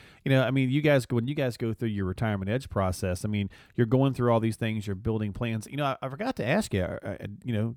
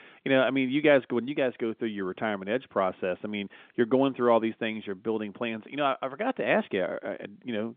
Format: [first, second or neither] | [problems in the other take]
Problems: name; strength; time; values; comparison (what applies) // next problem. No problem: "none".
first | phone-call audio; nothing above 3.5 kHz